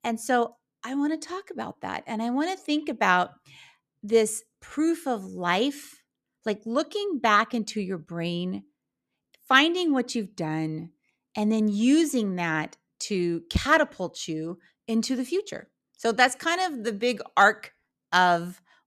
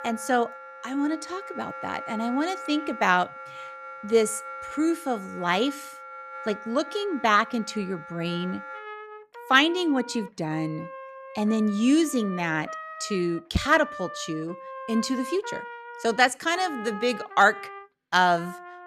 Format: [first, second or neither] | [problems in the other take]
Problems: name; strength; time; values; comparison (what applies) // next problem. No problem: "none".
first | background music; noticeable; throughout; 15 dB below the speech